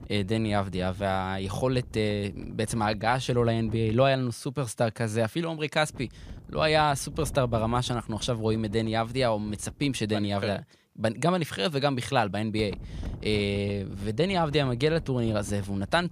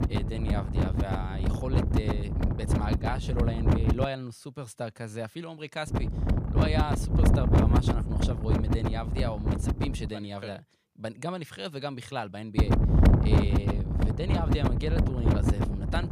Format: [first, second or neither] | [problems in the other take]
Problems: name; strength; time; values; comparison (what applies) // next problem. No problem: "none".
first | wind noise on the microphone; heavy; until 4 s, from 6 to 10 s and from 13 s on; 2 dB above the speech; occasional gusts in the first